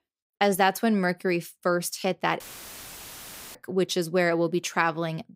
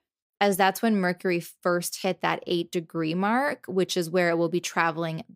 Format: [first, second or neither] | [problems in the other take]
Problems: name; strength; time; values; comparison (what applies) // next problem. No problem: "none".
second | audio cutting out; filled with static; at 2.5 s for 1 s